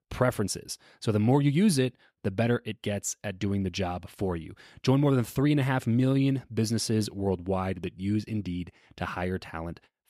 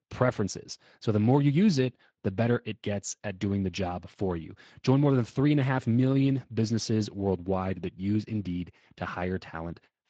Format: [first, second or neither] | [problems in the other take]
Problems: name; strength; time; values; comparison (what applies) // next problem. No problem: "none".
first | garbled, watery; slightly; nothing above 7.5 kHz